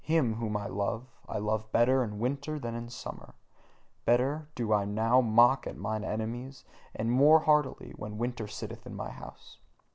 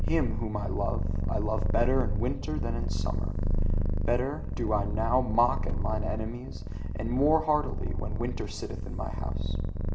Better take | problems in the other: first | background sound (Purr); 3 dB above the speech // room echo; dies away in 2.6 s

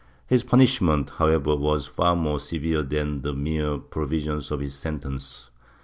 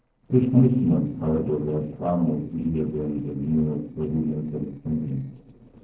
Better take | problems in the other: first | noise reduction (neural separator model SepFormer DNS4)

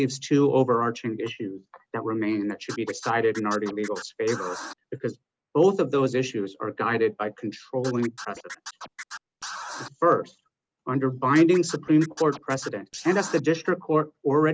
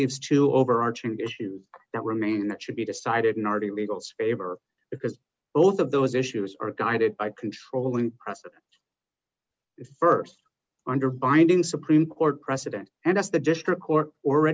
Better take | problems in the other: second | noise reduction (neural mask model Resemble Enhance denoiser)

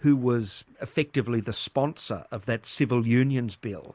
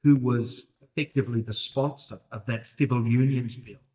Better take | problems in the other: first | noise reduction (neural mask model DeepFilterNet 3)

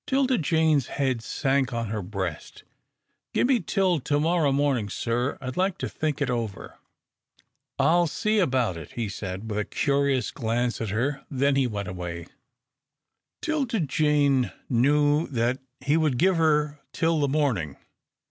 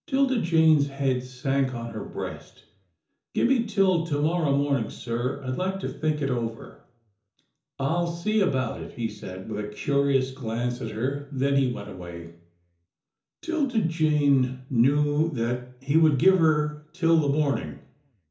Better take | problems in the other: first | room echo; dies away in 0.6 s

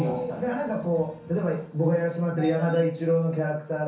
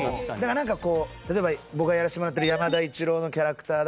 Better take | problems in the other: second | room echo; dies away in 0.6 s

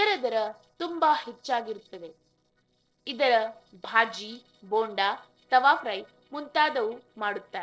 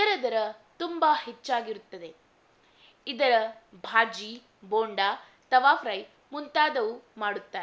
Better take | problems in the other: second | noise reduction (neural separator model SepFormer DNS4)

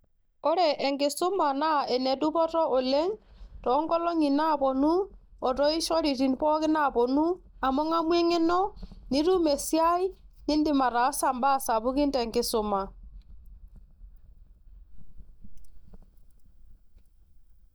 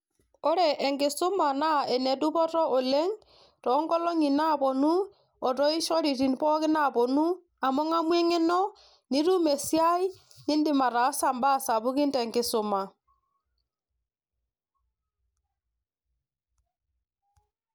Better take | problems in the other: second | noise reduction (neural mask model DeepFilterNet 3)

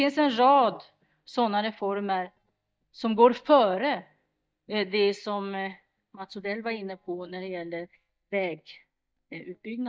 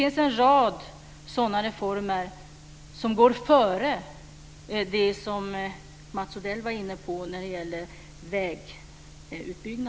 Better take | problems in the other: second | noise reduction (neural mask model DeepFilterNet 3)

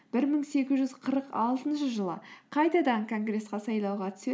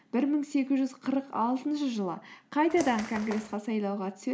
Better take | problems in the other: first | background sound (Bird); 11 dB below the speech

